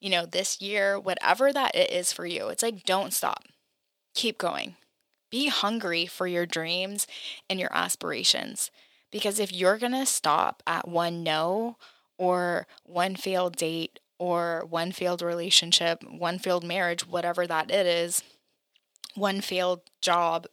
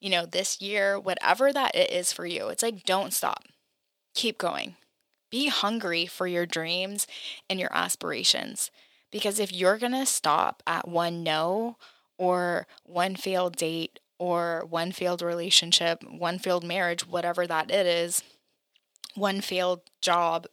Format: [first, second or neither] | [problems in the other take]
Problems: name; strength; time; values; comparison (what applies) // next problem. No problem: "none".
neither | thin; somewhat; fading below 400 Hz; the same in both